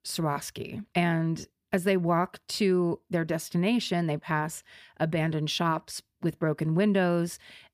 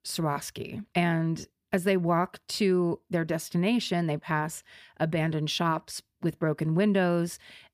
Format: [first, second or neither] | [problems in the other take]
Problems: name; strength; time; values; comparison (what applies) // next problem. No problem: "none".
neither | none